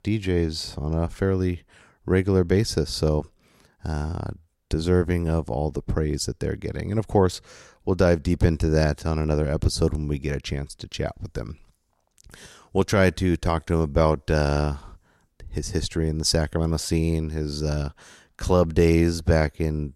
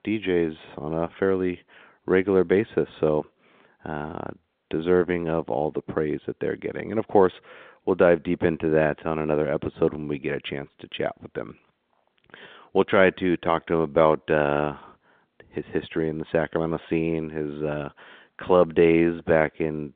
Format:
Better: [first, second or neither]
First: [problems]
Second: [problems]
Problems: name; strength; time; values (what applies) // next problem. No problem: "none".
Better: first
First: none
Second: phone-call audio